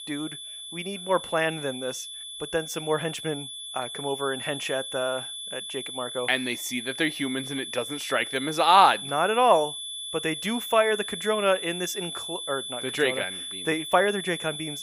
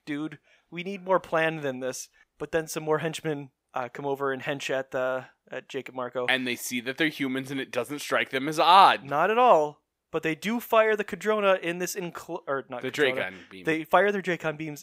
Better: second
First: high-pitched whine; loud; throughout; 3.5 kHz, 8 dB below the speech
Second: none

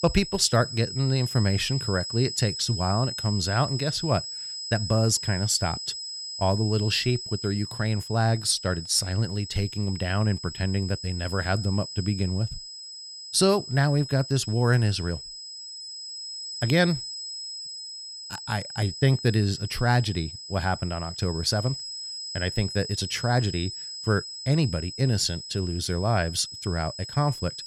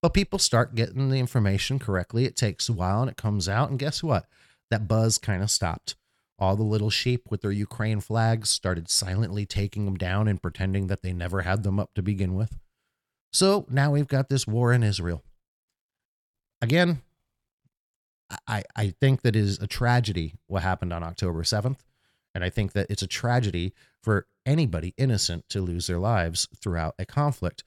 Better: second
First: high-pitched whine; loud; throughout; 5 kHz, 8 dB below the speech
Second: none

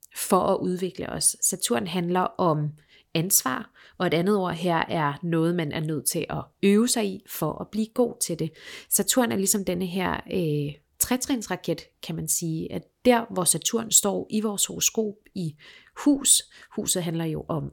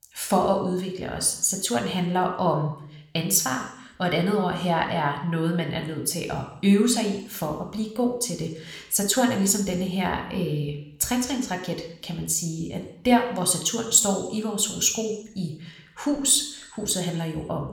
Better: first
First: none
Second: room echo; slight; dies away in 0.7 s

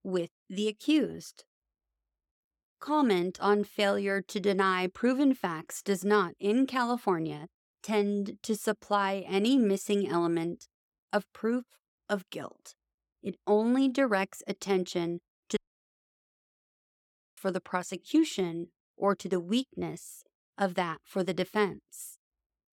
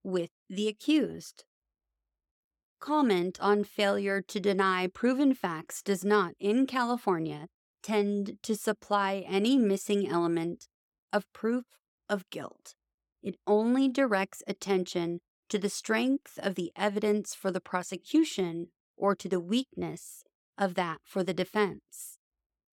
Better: second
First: audio cutting out; at 16 s for 2 s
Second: none

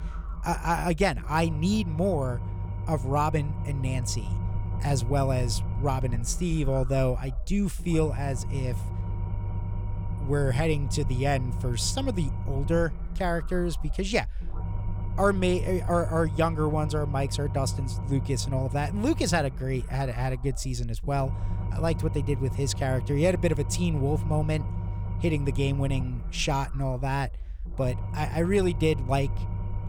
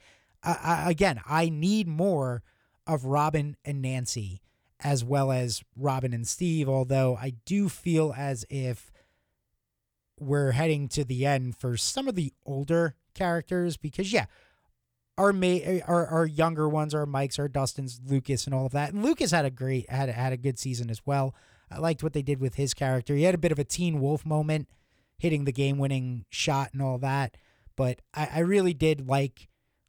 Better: second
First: low rumble; noticeable; throughout; 15 dB below the speech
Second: none

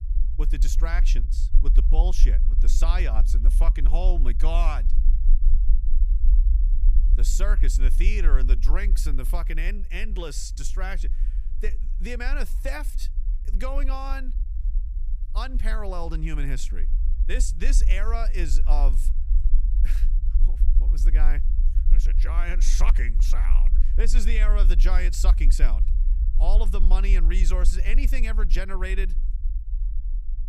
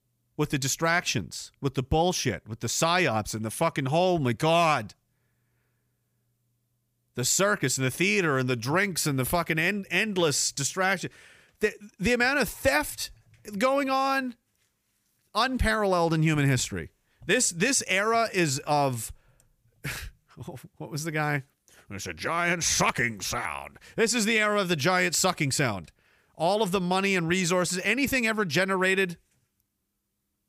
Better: second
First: low rumble; noticeable; throughout; 15 dB below the speech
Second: none

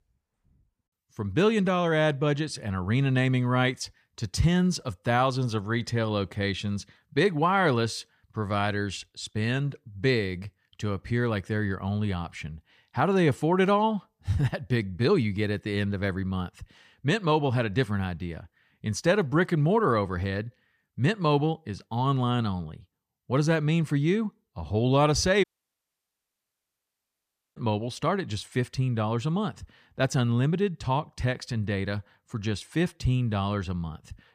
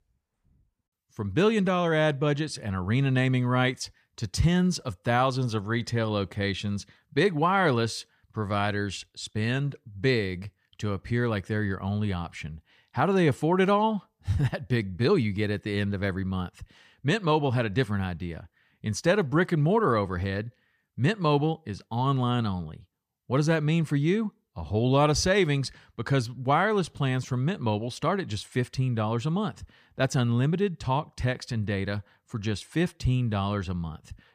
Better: second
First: audio cutting out; at 25 s for 2 s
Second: none

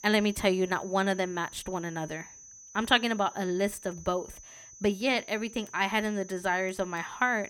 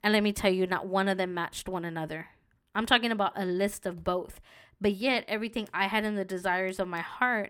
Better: second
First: high-pitched whine; noticeable; throughout; 6 kHz, 20 dB below the speech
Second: none

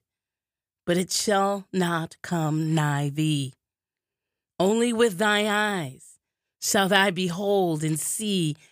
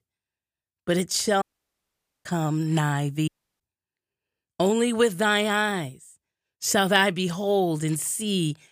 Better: first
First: none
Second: audio cutting out; at 1.5 s for 1 s and at 3.5 s

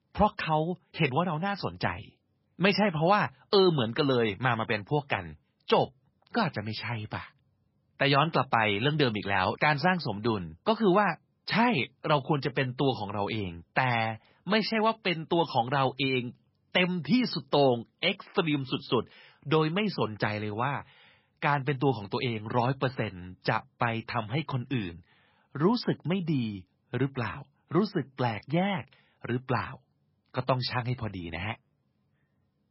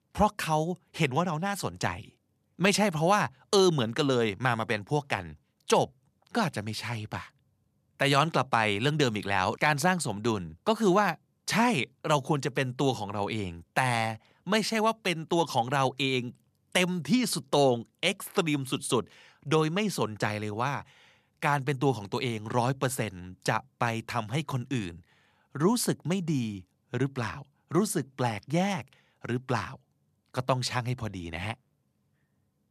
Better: second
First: garbled, watery; badly; nothing above 5.5 kHz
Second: none

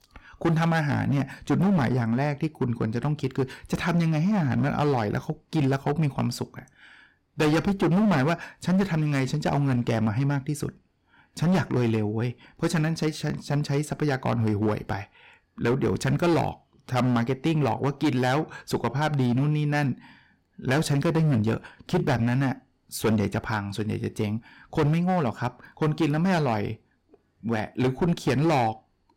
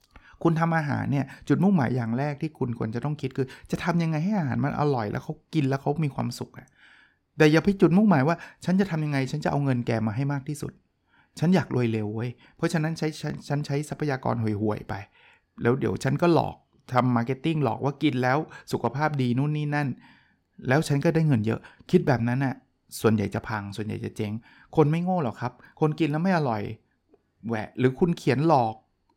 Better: second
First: distortion; heavy; 11% of the sound clipped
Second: none

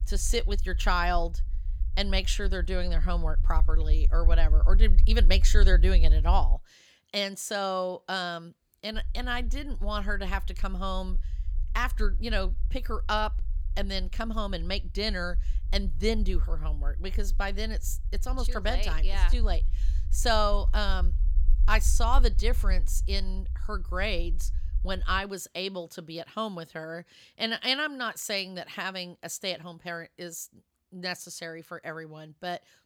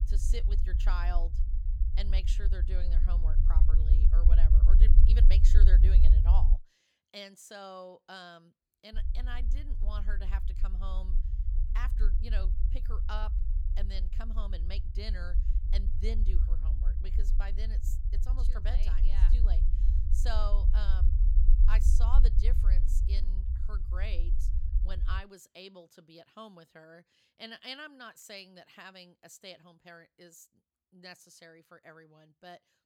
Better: first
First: low rumble; faint; until 6.5 s and from 9 to 25 s; 20 dB below the speech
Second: low rumble; loud; until 6.5 s and from 9 to 25 s; 6 dB below the speech

